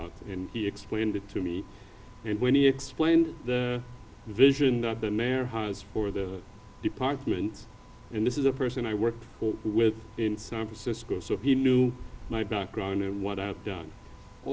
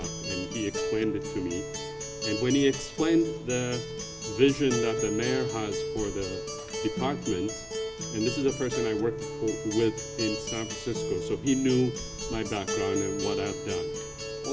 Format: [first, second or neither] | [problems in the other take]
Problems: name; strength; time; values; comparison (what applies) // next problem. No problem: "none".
first | background sound (Acoustic guitar); 4 dB below the speech